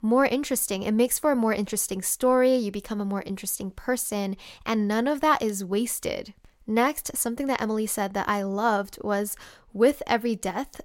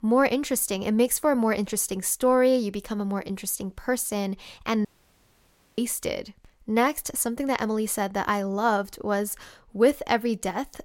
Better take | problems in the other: first | audio cutting out; at 5 s for 1 s

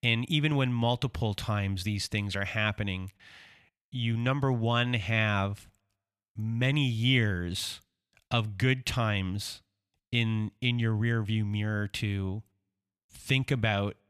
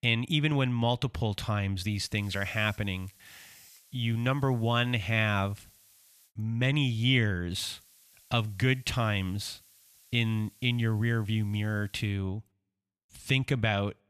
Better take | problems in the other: first | hiss; faint; from 2 to 6.5 s and from 7.5 to 12 s; 25 dB below the speech

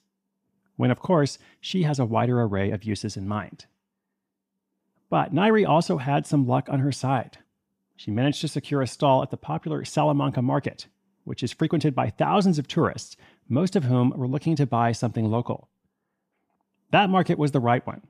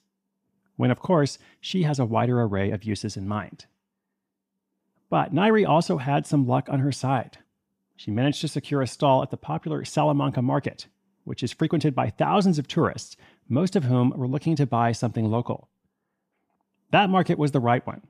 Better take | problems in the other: neither | none

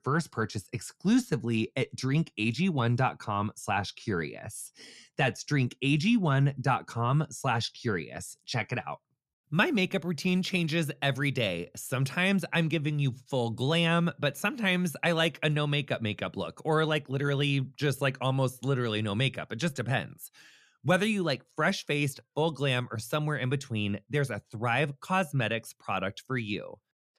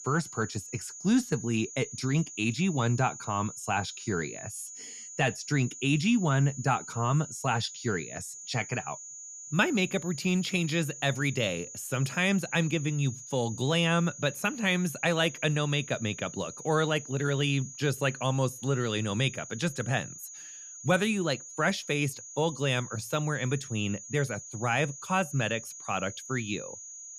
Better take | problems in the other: first | high-pitched whine; noticeable; throughout; 6.5 kHz, 10 dB below the speech

